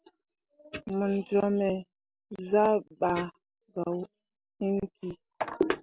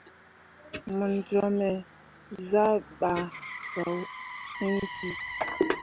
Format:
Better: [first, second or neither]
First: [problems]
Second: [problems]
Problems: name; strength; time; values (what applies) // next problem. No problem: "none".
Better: first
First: none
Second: background sound (Motor vehicle (road)); 12 dB below the speech